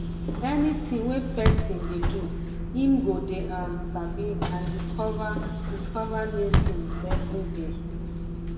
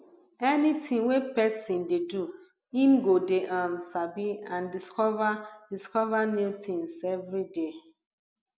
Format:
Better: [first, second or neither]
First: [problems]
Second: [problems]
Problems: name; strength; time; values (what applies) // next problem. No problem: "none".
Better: second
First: background sound (Bus / Engine); 2 dB above the speech // room echo; dies away in 1.8 s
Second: none